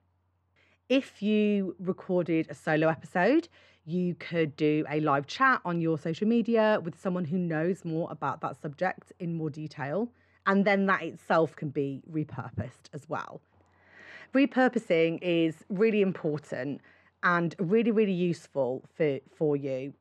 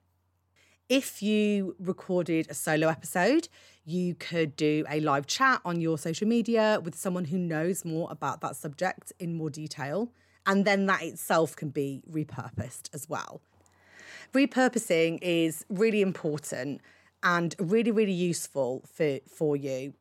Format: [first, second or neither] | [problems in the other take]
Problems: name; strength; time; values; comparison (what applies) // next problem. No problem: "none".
second | muffled; slightly; fading above 3 kHz